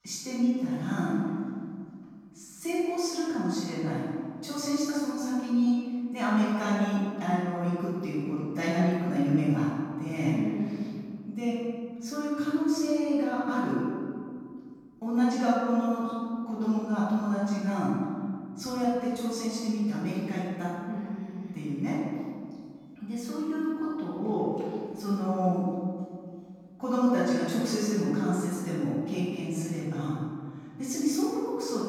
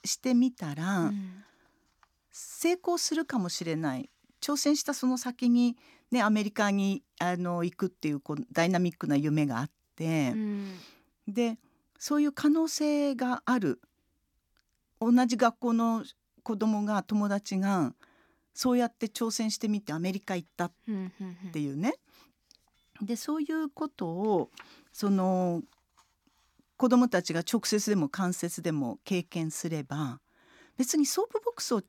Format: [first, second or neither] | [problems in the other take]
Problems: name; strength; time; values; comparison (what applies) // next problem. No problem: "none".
second | off-mic speech; far // room echo; strong; dies away in 2 s